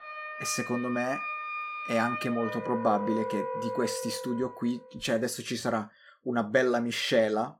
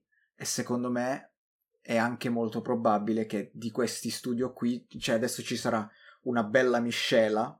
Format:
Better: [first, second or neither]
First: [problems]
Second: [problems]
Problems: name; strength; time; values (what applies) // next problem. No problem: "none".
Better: second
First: background music; loud; until 4 s; 5 dB below the speech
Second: none